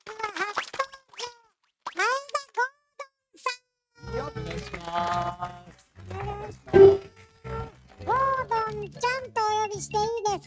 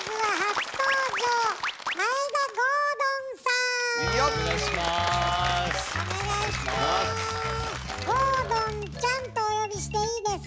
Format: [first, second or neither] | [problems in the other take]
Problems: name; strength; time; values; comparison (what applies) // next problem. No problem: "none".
second | noise reduction (neural mask model RNNoise)